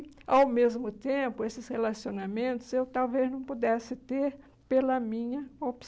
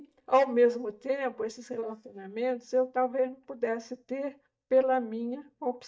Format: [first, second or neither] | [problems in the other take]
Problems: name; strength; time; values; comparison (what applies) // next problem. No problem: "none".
first | noise reduction (neural mask model DeepFilterNet 3)